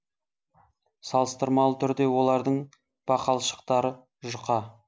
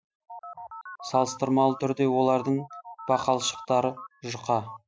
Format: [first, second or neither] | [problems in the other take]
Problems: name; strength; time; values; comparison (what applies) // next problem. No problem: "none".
first | noise reduction (classical method Wiener filter)